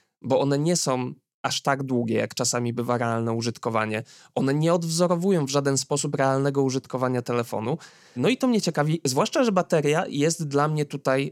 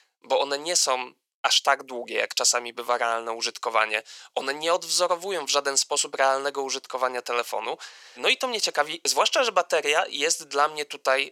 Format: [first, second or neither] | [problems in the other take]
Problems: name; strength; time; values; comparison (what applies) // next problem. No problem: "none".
first | thin; very; fading below 550 Hz